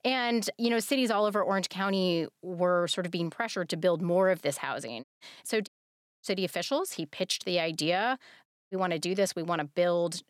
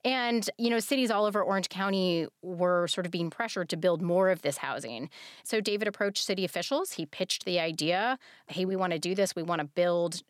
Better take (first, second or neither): second